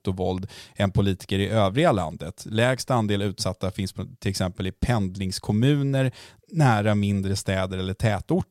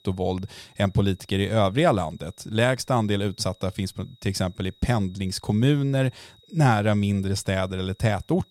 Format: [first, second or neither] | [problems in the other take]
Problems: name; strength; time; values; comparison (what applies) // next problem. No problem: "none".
first | high-pitched whine; faint; throughout; 4 kHz, 30 dB below the speech